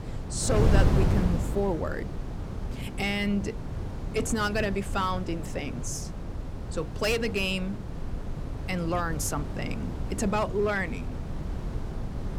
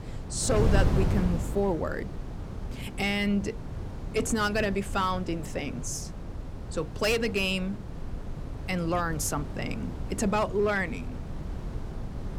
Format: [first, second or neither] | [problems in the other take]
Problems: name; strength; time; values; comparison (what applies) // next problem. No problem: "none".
second | wind noise on the microphone; heavy; 10 dB below the speech; occasional gusts in the second